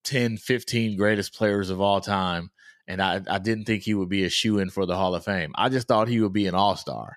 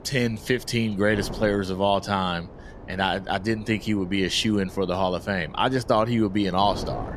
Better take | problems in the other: first | wind noise on the microphone; occasional gusts; 20 dB below the speech

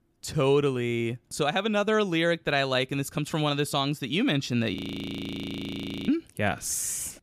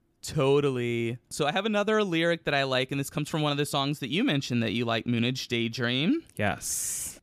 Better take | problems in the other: second | audio freezing; at 5 s for 1.5 s

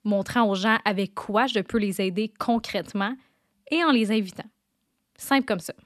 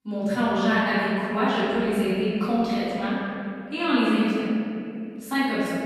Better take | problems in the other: first | off-mic speech; far // room echo; strong; dies away in 2.5 s

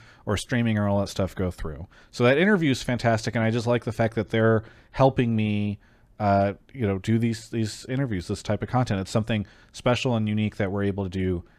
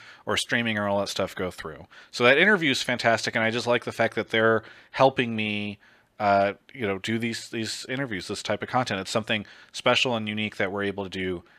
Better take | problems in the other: first | thin; somewhat; fading below 950 Hz

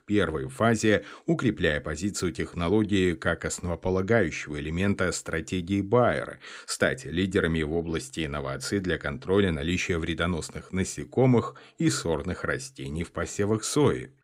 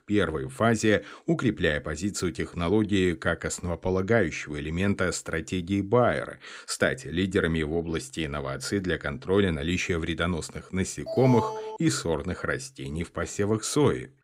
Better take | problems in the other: first | alarm; noticeable; at 11 s; peak 3 dB below the speech

